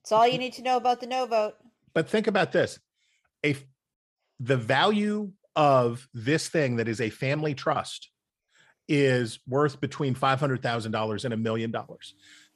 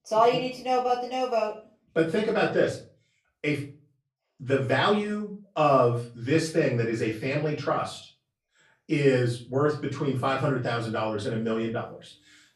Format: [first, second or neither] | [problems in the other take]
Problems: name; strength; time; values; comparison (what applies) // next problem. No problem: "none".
first | off-mic speech; far // room echo; slight; dies away in 0.3 s